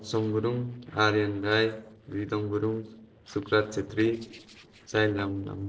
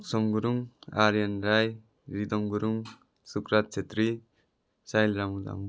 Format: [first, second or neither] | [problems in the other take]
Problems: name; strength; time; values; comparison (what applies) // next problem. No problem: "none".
second | noise reduction (neural separator model SepFormer DNS4)